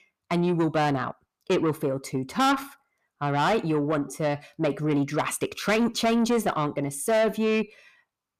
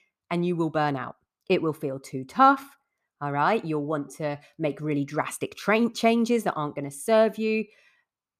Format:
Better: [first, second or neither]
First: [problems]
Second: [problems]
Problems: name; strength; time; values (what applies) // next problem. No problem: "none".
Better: second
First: distortion; heavy; 6 dB below the speech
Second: none